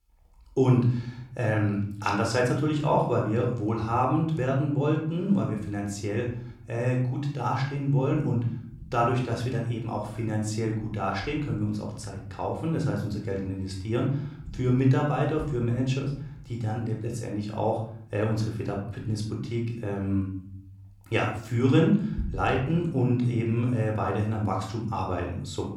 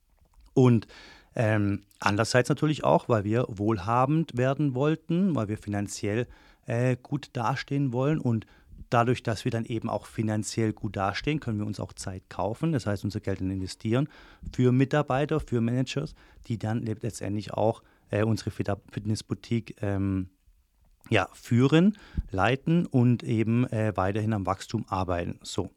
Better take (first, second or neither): second